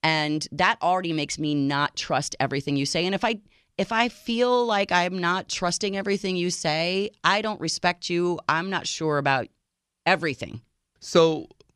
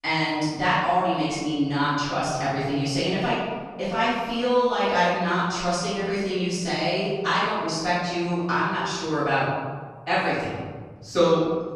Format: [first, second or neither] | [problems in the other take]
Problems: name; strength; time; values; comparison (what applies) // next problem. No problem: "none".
first | room echo; strong; dies away in 1.5 s // off-mic speech; far